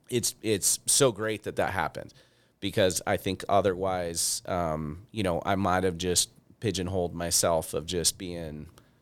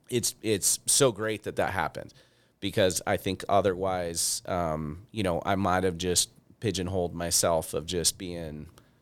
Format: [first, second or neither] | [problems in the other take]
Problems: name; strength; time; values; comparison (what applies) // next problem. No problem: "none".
neither | none